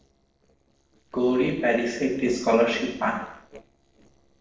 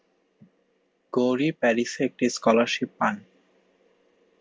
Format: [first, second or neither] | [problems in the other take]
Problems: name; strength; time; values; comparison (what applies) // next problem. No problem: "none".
second | noise reduction (neural separator model SepFormer DNS4)